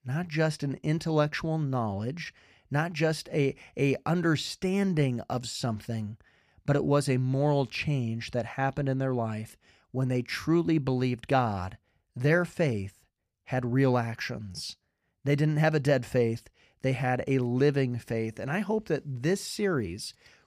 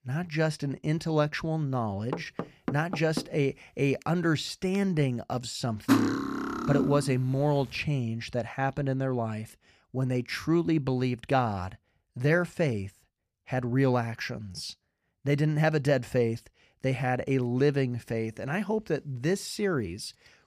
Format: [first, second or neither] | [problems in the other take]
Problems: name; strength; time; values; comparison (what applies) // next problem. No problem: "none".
first | door banging; noticeable; from 2 to 5 s; peak 7 dB below the speech // clattering dishes; loud; from 6 to 7 s; peak 4 dB above the speech